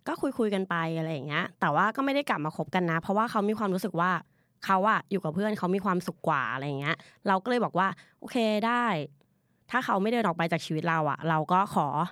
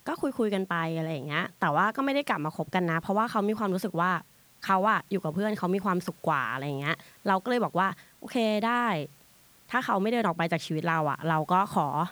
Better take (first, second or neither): first